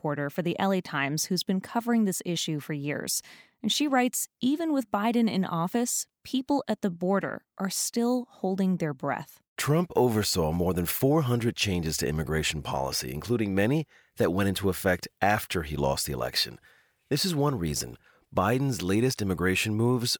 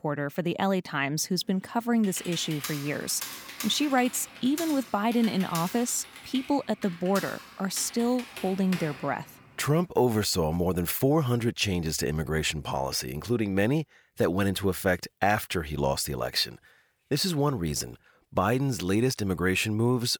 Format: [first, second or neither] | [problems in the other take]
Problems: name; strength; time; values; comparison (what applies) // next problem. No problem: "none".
first | keyboard typing; noticeable; from 2 to 9 s; peak 8 dB below the speech